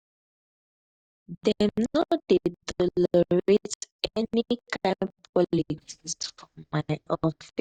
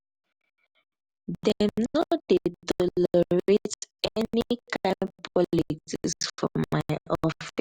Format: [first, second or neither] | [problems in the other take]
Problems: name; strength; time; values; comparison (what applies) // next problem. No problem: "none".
second | noise reduction (neural mask model DeepFilterNet 3)